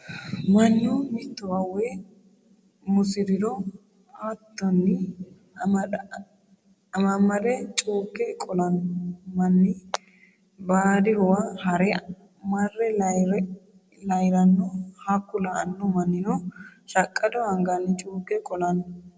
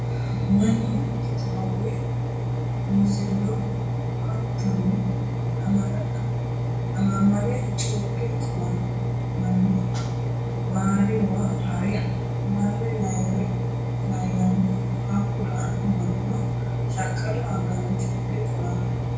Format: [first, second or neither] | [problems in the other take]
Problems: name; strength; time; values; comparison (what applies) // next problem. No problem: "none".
first | background sound (Engine); 2 dB above the speech // room echo; dies away in 0.6 s